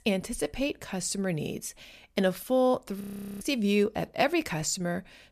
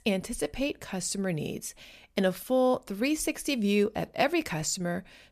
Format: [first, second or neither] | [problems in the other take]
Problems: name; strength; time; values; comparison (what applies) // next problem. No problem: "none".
second | audio freezing; at 3 s